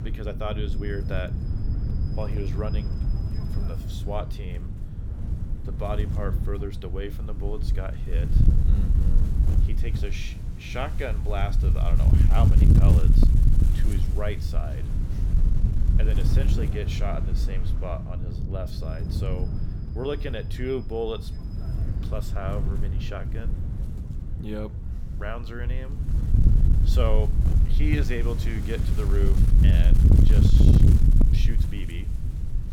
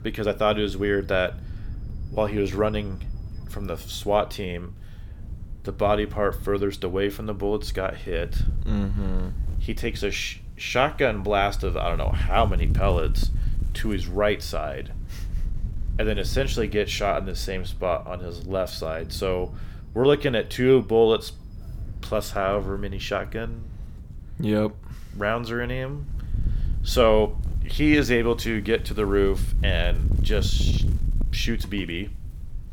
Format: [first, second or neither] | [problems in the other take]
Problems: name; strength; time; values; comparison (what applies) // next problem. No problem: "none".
second | wind noise on the microphone; heavy; 3 dB below the speech; occasional gusts in the second